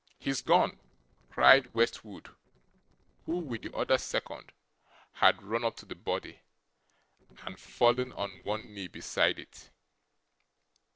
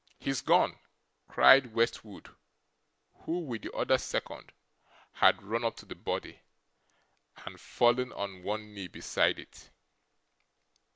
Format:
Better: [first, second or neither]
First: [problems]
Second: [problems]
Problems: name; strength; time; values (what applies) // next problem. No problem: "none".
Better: second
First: noise reduction (neural separator model SepFormer DNS4)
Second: none